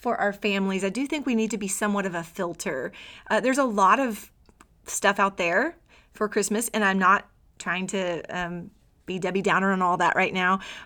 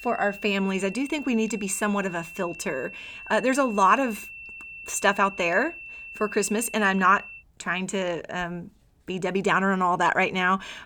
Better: first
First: none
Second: high-pitched whine; noticeable; until 7.5 s; 2.5 kHz, 15 dB below the speech

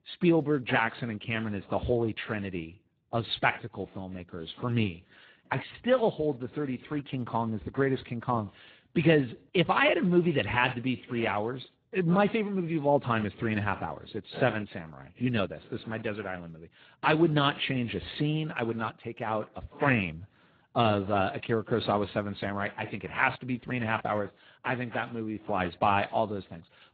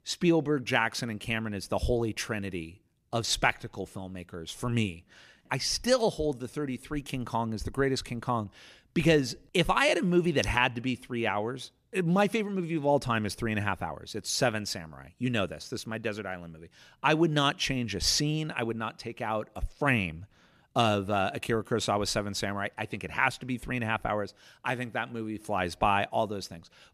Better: second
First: garbled, watery; badly; nothing above 4 kHz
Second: none

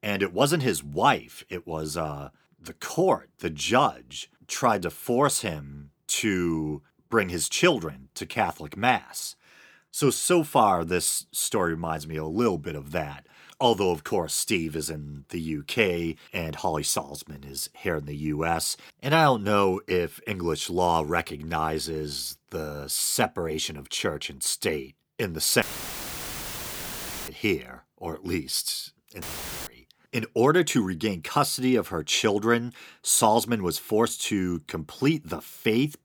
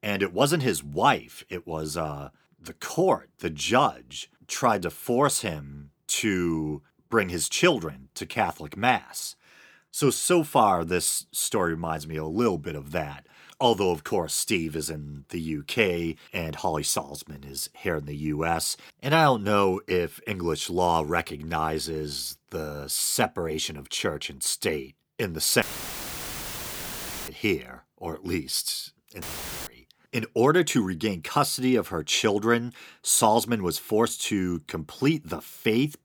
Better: neither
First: audio cutting out; filled with static; at 26 s for 1.5 s and at 29 s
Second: audio cutting out; filled with static; at 26 s for 1.5 s and at 29 s

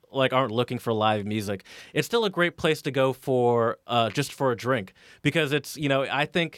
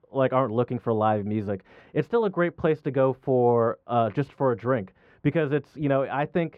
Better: first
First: none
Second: muffled; very; fading above 3 kHz

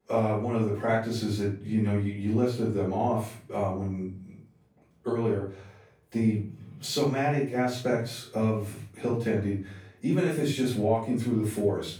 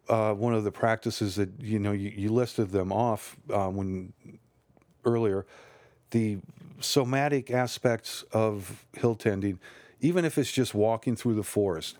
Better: second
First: off-mic speech; far // room echo; noticeable; dies away in 0.4 s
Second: none

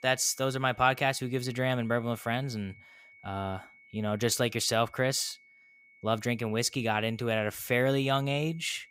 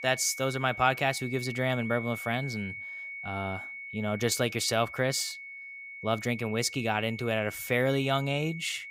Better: first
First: high-pitched whine; faint; throughout; 2 kHz, 25 dB below the speech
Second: high-pitched whine; loud; throughout; 2 kHz, 10 dB below the speech

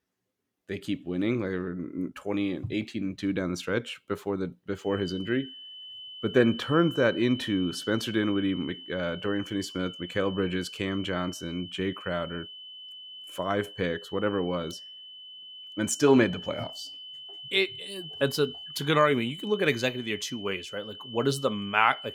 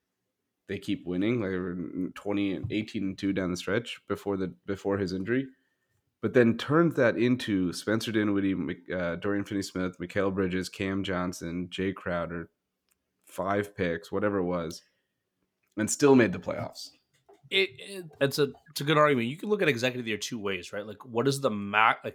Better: second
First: high-pitched whine; noticeable; from 5 s on; 3 kHz, 10 dB below the speech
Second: none

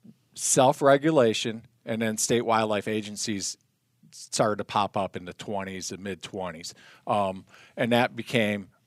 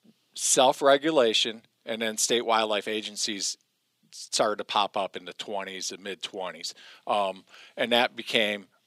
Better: first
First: none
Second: thin; very slightly; fading below 300 Hz

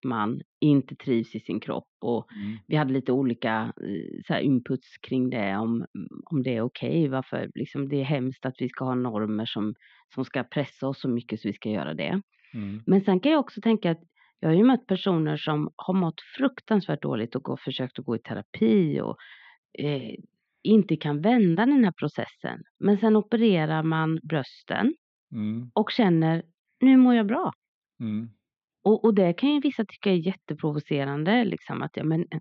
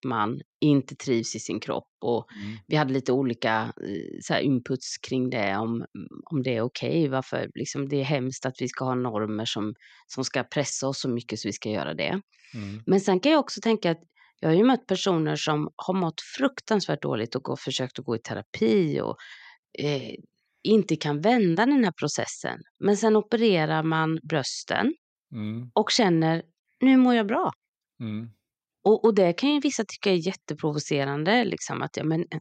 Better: second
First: muffled; slightly; fading above 3.5 kHz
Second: none

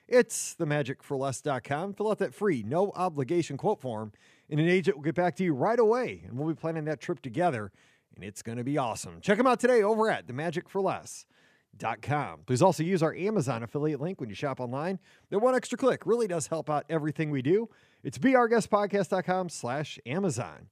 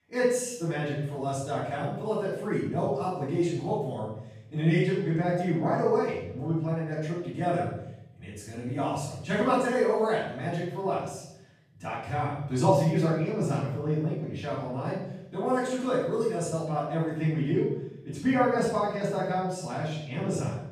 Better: first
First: none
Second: off-mic speech; far // room echo; noticeable; dies away in 0.9 s

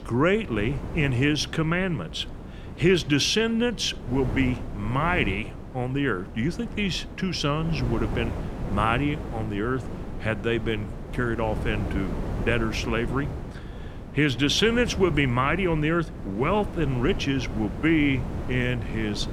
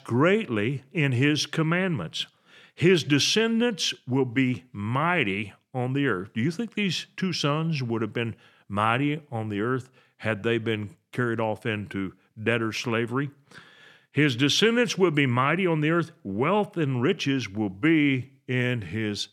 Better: second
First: wind noise on the microphone; occasional gusts; 15 dB below the speech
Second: none

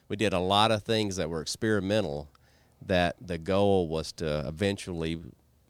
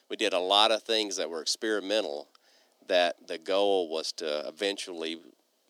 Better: first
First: none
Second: thin; somewhat; fading below 250 Hz

